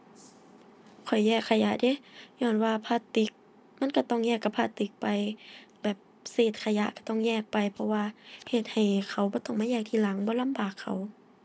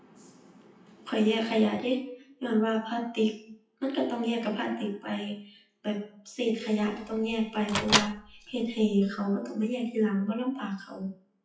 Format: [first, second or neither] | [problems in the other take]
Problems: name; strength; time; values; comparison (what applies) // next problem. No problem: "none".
first | noise reduction (classical method WPE with log-MMSE)